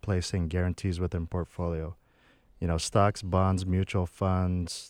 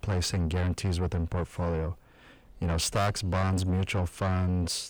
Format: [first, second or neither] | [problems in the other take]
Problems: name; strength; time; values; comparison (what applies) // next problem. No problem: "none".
first | distortion; heavy; 6 dB below the speech